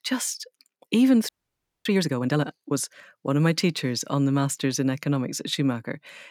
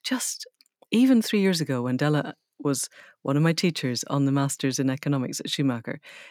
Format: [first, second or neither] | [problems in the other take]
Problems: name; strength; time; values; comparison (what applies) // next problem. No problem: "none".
second | audio freezing; at 1.5 s for 0.5 s